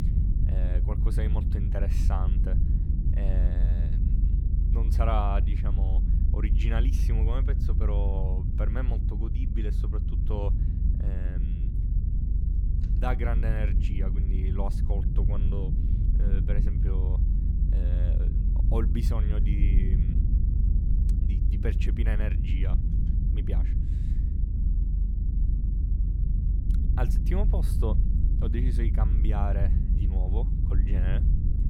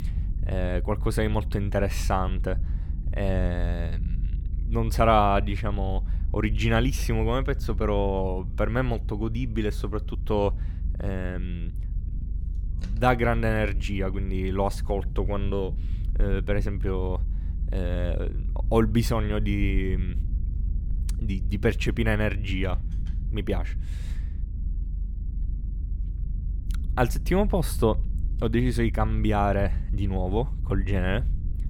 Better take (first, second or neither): second